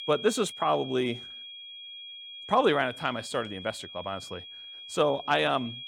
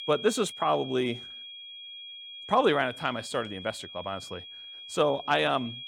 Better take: neither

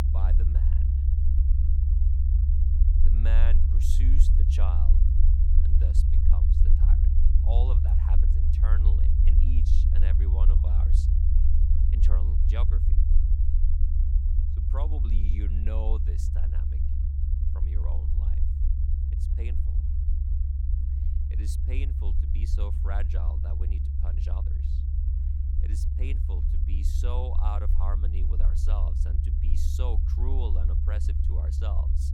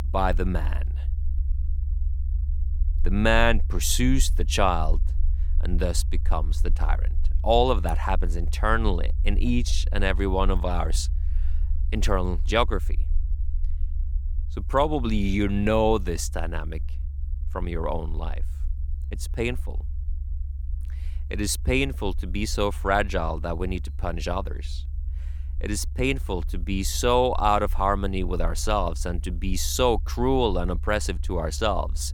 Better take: second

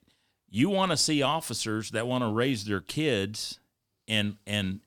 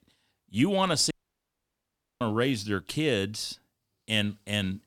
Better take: first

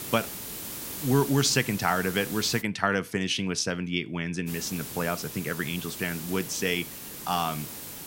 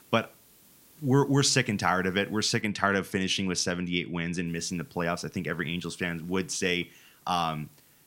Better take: second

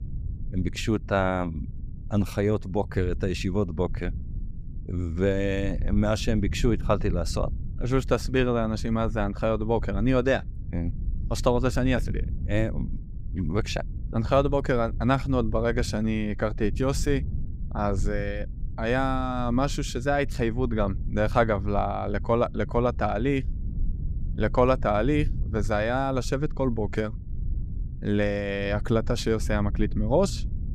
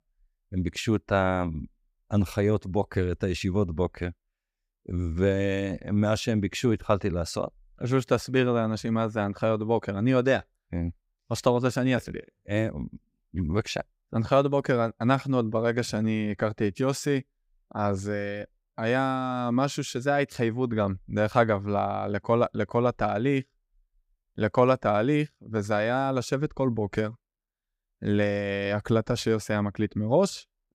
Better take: second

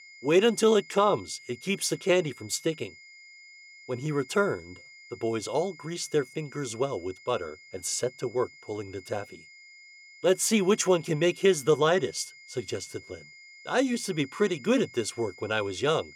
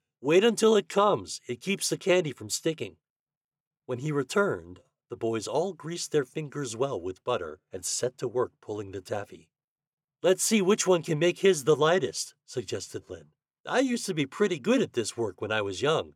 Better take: second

